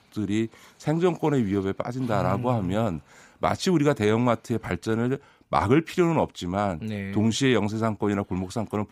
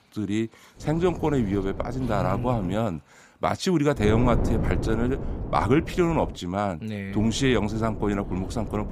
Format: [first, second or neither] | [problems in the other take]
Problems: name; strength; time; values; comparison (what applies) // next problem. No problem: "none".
first | wind noise on the microphone; occasional gusts; from 1 to 3 s, from 4 to 6.5 s and from 7 s on; 10 dB below the speech